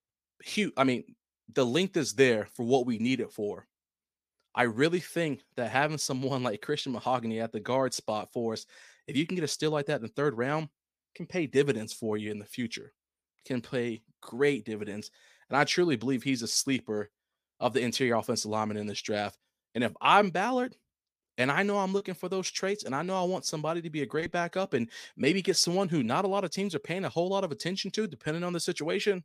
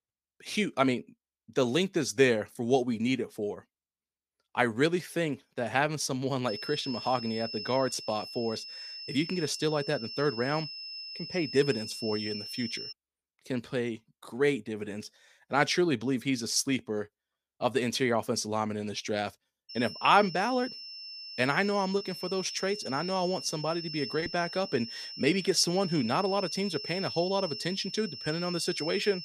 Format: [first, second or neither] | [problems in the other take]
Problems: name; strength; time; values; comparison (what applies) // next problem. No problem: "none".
first | high-pitched whine; loud; from 6.5 to 13 s and from 20 s on; 5 kHz, 9 dB below the speech